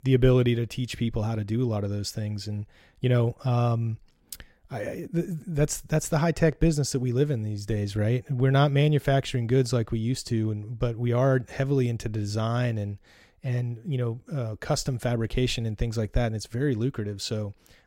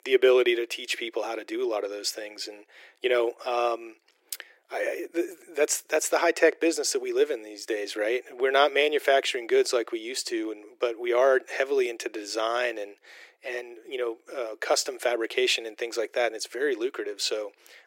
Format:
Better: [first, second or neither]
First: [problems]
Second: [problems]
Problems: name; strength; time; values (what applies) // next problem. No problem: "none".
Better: first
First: none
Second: thin; very; fading below 350 Hz